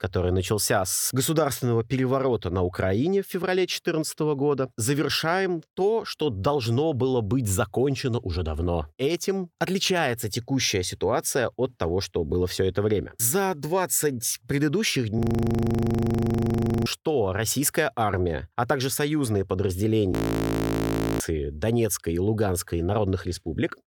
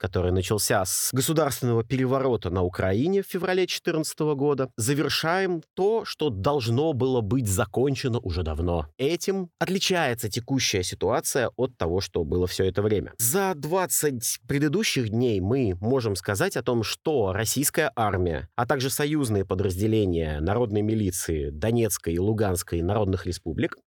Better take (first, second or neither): second